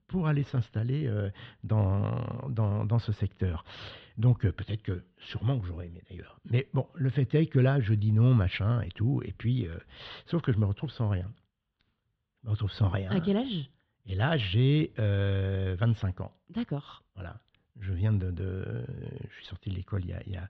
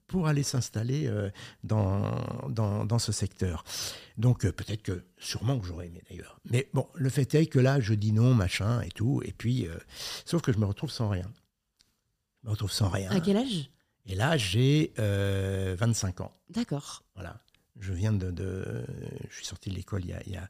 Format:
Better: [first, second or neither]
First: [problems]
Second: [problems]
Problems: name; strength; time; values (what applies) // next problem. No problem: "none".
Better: second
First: muffled; very; fading above 3.5 kHz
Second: none